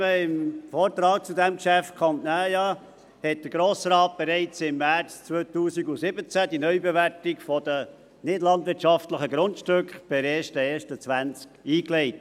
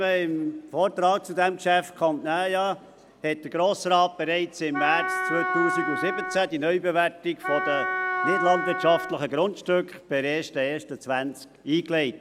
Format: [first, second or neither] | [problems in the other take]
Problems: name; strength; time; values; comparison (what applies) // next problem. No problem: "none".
first | background sound (Wind instrument, woodwind instrument); 3 dB below the speech